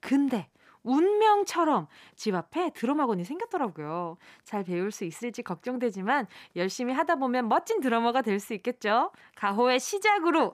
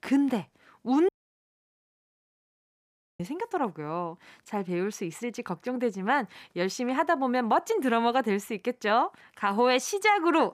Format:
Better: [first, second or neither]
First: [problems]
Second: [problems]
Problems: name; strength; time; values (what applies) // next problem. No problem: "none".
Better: first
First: none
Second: audio cutting out; at 1 s for 2 s